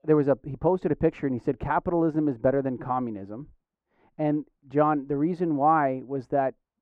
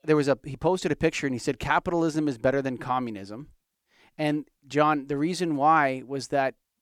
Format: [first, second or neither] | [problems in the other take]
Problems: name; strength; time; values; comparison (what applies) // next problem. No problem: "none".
second | muffled; very; fading above 2.5 kHz